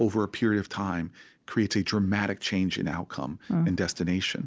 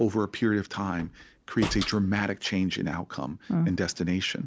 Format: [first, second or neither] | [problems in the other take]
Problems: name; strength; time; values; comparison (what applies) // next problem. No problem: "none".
first | background sound (Slam); 14 dB below the speech